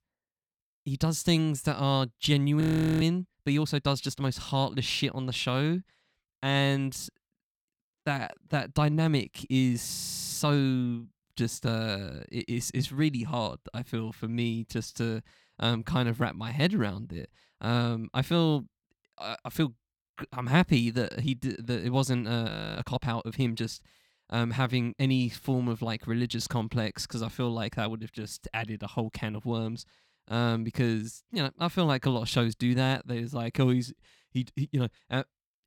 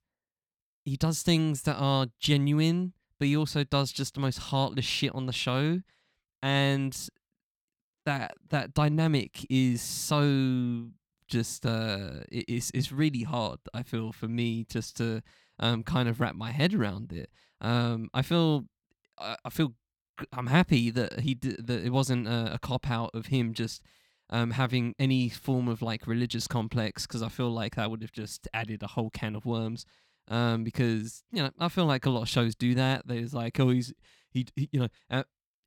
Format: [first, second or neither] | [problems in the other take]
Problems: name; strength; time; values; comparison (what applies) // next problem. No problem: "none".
second | audio freezing; at 2.5 s, at 10 s and at 23 s